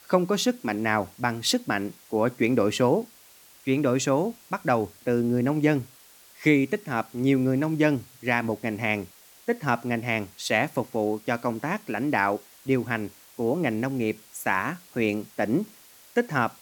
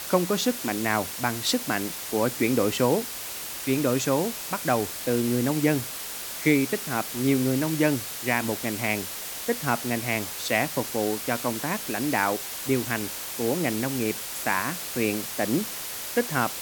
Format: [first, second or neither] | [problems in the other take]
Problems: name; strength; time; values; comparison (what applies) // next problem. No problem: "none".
first | hiss; loud; throughout; 5 dB below the speech; faint in the first